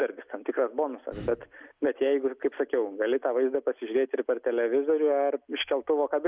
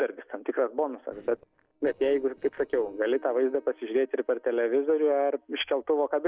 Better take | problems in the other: first | noise reduction (neural separator model SepFormer DNS4)

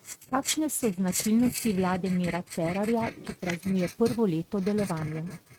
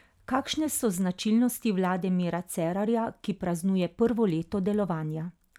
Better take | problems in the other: second | noise reduction (neural mask model RNNoise)

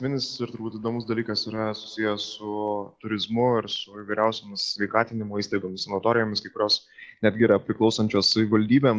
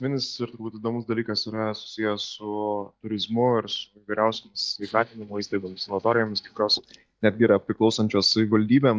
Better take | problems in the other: first | noise reduction (neural mask model DeepFilterNet 3)

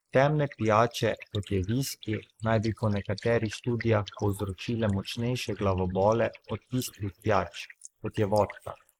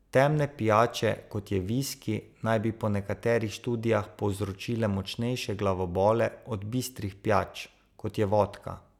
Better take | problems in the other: second | noise reduction (neural mask model Resemble Enhance denoiser)

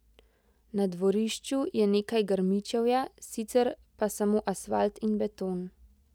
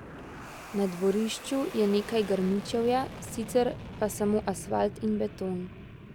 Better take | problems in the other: first | background sound (Fixed-wing aircraft, airplane); 13 dB below the speech

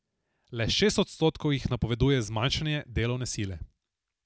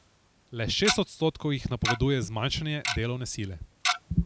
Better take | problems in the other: first | background sound (Tick-tock); 4 dB below the speech

